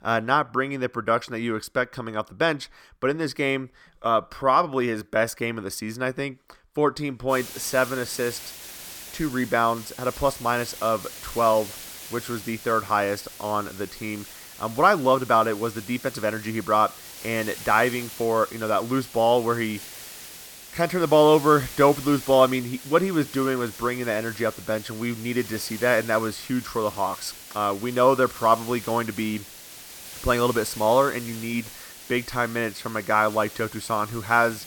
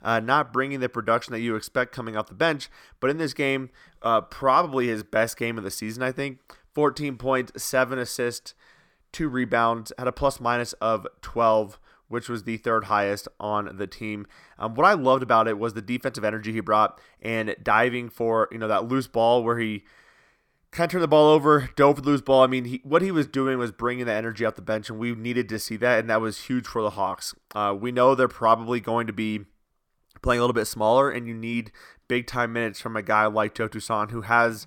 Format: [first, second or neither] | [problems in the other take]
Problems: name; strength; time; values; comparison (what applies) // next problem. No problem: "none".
second | hiss; noticeable; from 7.5 s on; 15 dB below the speech